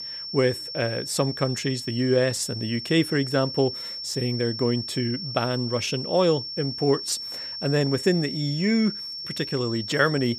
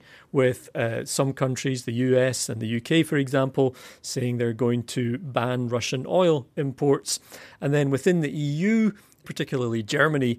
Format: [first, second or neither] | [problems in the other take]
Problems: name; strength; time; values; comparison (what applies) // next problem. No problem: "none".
second | high-pitched whine; loud; throughout; 5.5 kHz, 7 dB below the speech